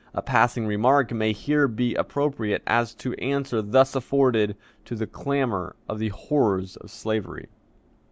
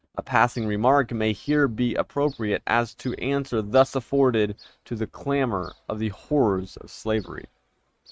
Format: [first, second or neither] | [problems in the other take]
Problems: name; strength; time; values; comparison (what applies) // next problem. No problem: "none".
first | noise reduction (neural mask model RNNoise)